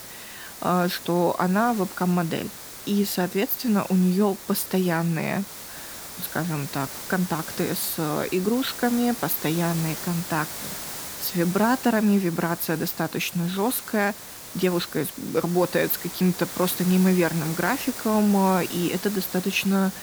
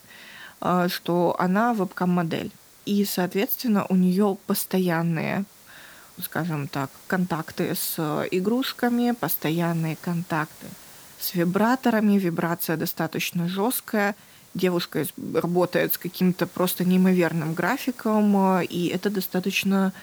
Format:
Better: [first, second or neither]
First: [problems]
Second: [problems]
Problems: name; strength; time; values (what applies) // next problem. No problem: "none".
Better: second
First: hiss; loud; throughout; 10 dB below the speech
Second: hiss; faint; throughout; 20 dB below the speech